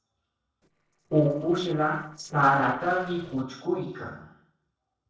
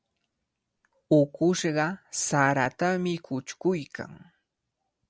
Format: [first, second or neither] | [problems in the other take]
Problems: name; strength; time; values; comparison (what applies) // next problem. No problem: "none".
second | noise reduction (neural separator model SepFormer DNS4)